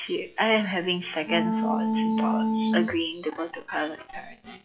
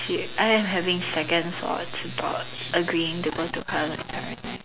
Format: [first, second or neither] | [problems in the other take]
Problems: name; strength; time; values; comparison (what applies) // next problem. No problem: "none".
second | noise reduction (classical method log-MMSE)